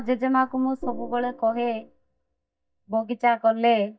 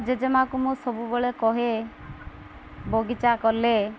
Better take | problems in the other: second | noise reduction (neural mask model DeepFilterNet 3)

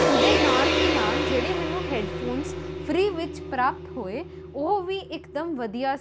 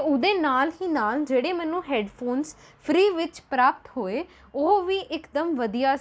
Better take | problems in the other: second | background sound (Gong); 1 dB above the speech

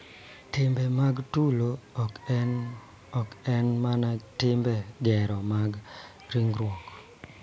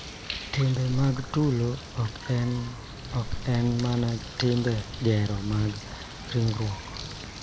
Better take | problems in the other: first | background sound (Bird + Car); 10 dB below the speech

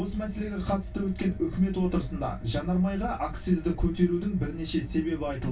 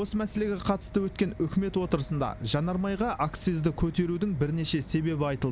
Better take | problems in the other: second | room echo; dies away in 0.2 s

